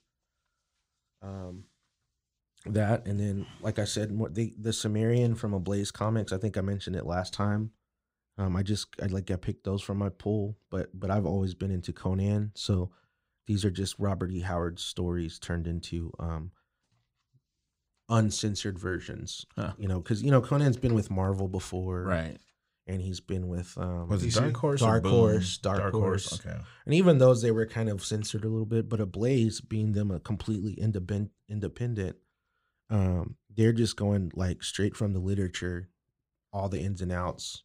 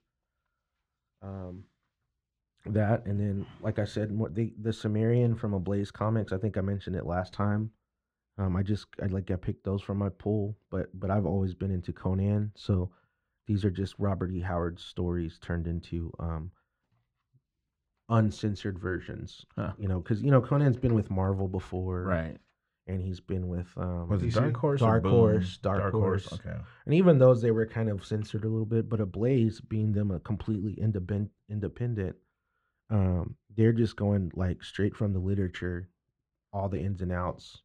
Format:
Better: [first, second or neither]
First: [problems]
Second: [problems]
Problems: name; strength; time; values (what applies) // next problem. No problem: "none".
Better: first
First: none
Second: muffled; slightly; fading above 4 kHz